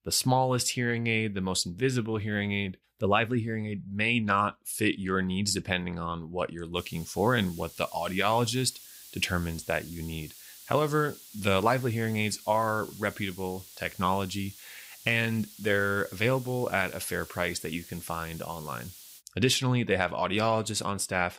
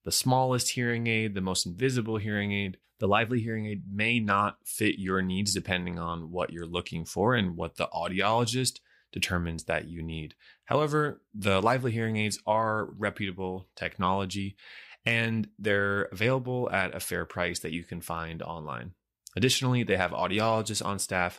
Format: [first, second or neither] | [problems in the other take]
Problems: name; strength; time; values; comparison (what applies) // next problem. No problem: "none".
second | hiss; noticeable; from 7 to 19 s; 20 dB below the speech